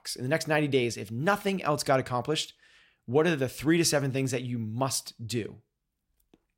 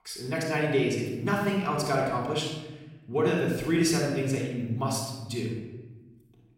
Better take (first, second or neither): first